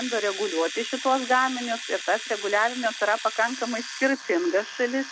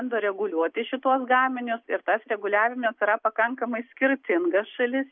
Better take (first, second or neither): second